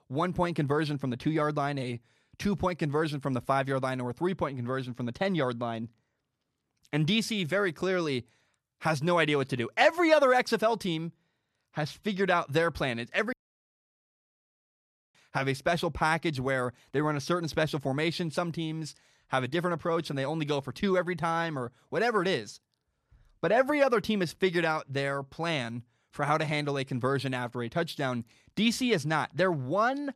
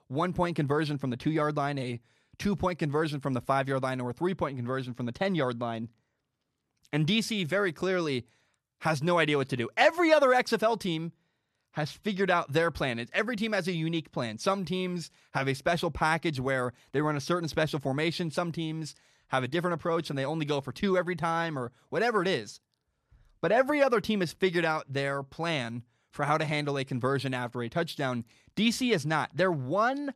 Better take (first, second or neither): second